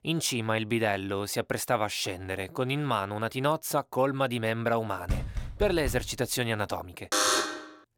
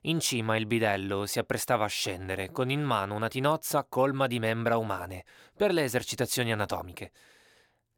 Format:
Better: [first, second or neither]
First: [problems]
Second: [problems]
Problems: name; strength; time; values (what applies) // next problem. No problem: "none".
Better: second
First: door banging; noticeable; at 5 s; peak 5 dB below the speech // alarm; loud; at 7 s; peak 5 dB above the speech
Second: none